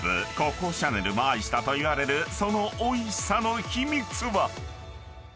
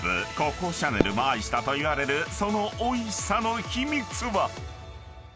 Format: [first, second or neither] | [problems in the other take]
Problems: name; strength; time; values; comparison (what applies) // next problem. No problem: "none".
first | background sound (Fireworks); 8 dB below the speech